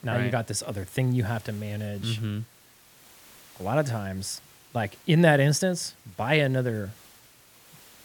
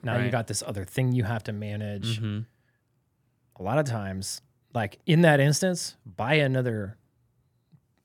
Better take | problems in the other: second | hiss; faint; throughout; 25 dB below the speech

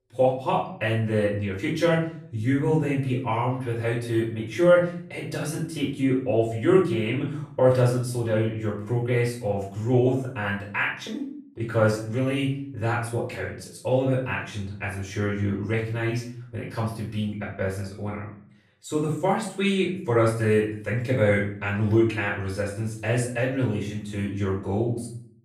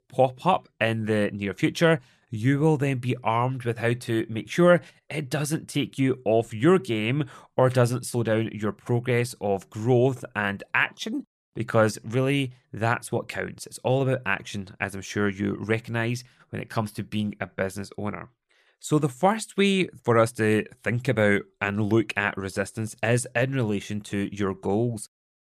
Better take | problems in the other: second | off-mic speech; far // room echo; noticeable; dies away in 0.5 s

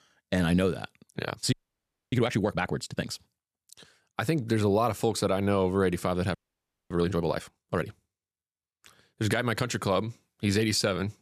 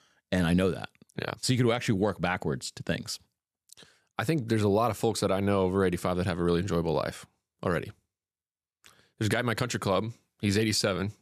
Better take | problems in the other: second | audio freezing; at 1.5 s for 0.5 s and at 6.5 s for 0.5 s

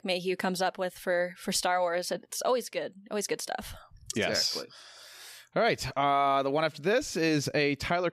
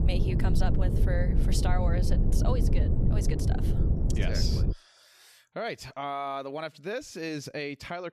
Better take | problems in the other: first | wind noise on the microphone; heavy; until 4.5 s; 4 dB below the speech

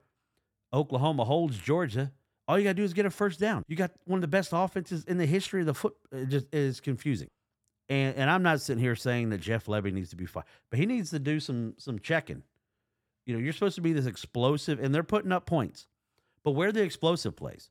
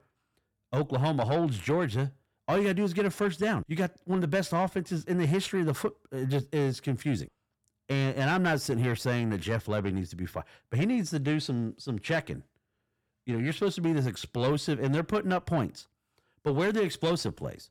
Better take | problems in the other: first | distortion; slight; 10 dB below the speech

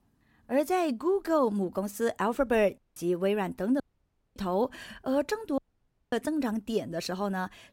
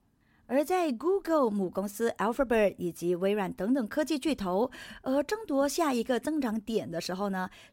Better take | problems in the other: second | audio cutting out; at 3 s, at 4 s for 0.5 s and at 5.5 s for 0.5 s

